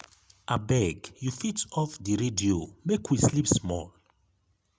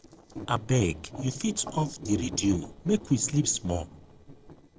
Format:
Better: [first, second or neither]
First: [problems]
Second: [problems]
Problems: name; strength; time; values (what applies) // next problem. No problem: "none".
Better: first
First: none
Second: noise reduction (neural separator model SepFormer DNS4)